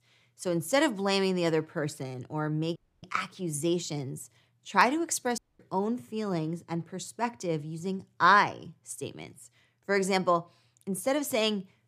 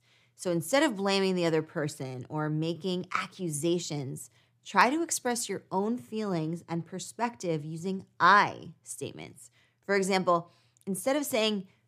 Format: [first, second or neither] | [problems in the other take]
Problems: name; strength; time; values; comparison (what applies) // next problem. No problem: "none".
second | audio cutting out; at 3 s and at 5.5 s